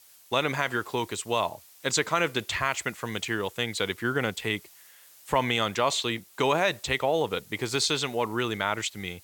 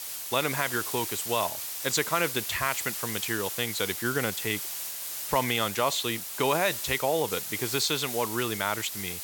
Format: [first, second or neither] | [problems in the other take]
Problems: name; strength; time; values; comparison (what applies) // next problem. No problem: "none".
first | hiss; loud; throughout; 4 dB below the speech; faint in the first